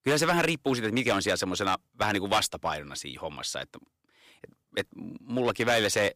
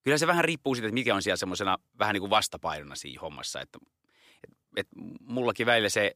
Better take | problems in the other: second | distortion; slight; 5% of the sound clipped

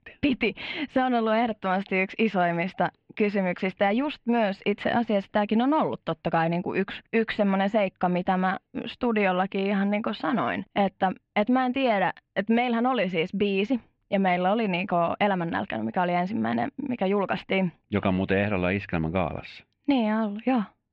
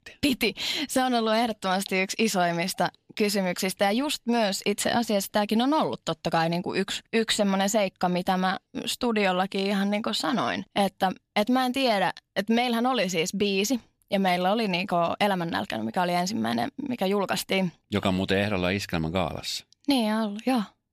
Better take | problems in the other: second | muffled; very; fading above 2.5 kHz

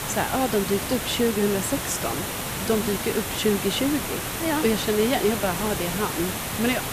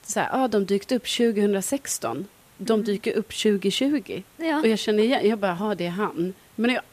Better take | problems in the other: second | hiss; loud; throughout; 3 dB below the speech; faint in the second

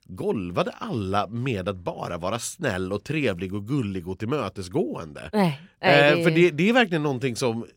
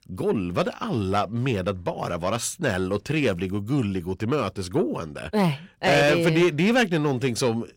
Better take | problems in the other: first | distortion; slight; 10 dB below the speech

